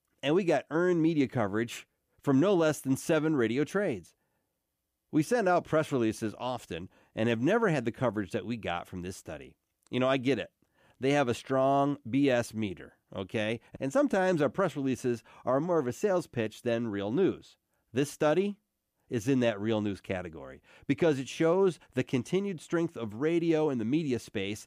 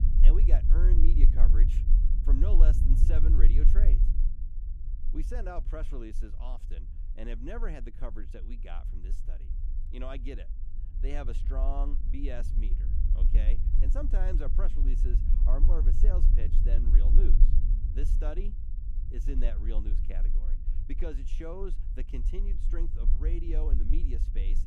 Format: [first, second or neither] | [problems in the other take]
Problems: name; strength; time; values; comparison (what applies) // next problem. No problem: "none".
first | low rumble; loud; throughout; 6 dB below the speech